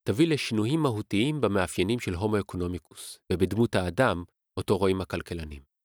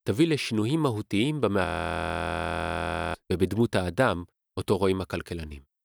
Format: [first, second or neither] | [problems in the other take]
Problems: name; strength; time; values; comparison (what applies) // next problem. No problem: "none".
first | audio freezing; at 1.5 s for 1.5 s